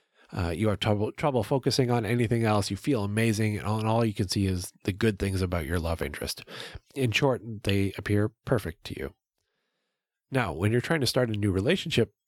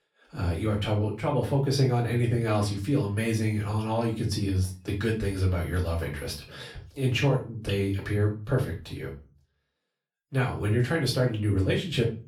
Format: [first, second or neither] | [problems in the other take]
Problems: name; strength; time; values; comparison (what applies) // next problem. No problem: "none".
first | room echo; slight; dies away in 0.3 s // off-mic speech; far